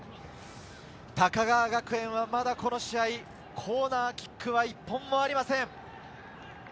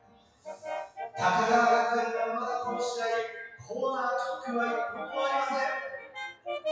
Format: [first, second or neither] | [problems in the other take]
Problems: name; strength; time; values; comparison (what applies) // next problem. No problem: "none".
first | noise reduction (classical method WPE with log-MMSE)